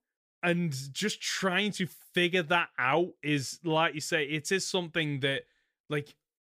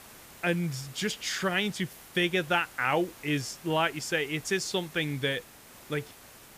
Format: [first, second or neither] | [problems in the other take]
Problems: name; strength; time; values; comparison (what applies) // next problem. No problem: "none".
first | hiss; noticeable; throughout; 20 dB below the speech